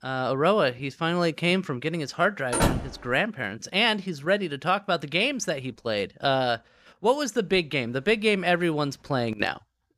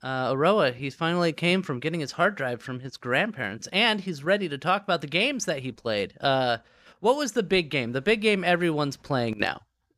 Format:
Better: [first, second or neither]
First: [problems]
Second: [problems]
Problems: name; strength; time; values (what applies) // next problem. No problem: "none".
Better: second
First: door banging; loud; at 2.5 s; peak 1 dB above the speech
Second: none